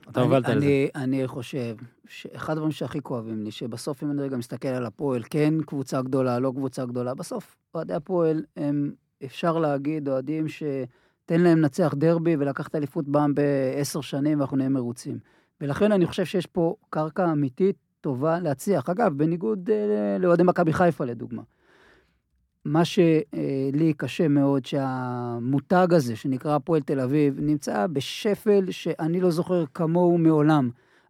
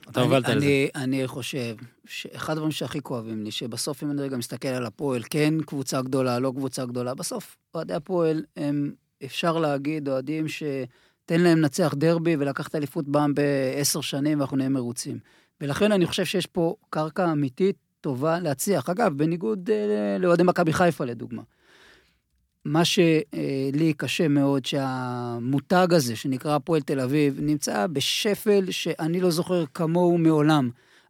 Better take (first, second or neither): second